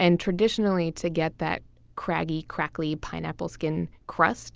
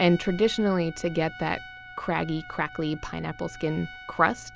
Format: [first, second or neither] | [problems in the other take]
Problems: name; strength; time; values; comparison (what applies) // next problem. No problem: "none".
first | background sound (Trumpet); 17 dB below the speech